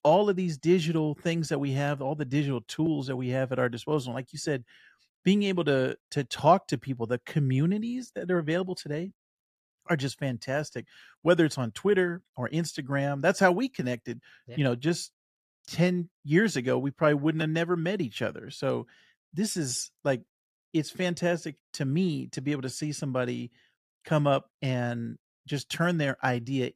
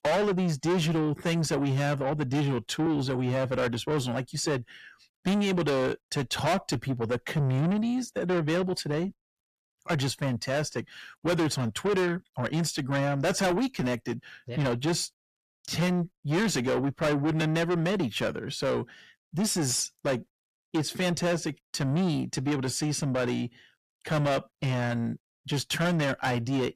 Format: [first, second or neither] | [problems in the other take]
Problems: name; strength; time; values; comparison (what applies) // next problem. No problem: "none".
first | distortion; heavy; 6 dB below the speech